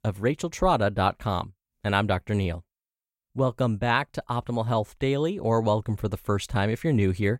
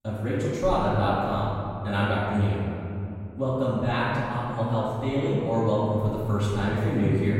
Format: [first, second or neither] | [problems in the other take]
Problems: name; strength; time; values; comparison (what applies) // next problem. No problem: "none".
first | off-mic speech; far // room echo; strong; dies away in 2.8 s